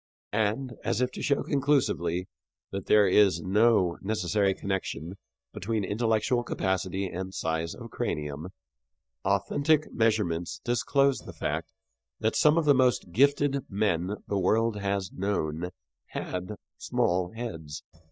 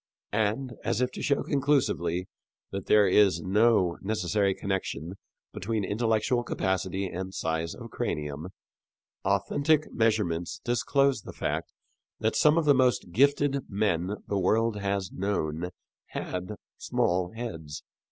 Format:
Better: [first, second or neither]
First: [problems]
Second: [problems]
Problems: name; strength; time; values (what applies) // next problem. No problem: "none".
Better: second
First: noise reduction (neural mask model DeepFilterNet 3)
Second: none